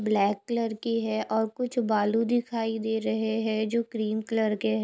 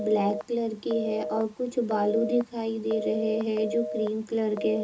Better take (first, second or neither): first